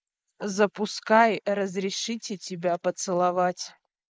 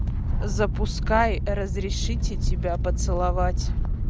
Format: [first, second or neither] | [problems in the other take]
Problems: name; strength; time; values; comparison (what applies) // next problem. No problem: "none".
second | noise reduction (neural mask model Resemble Enhance denoiser)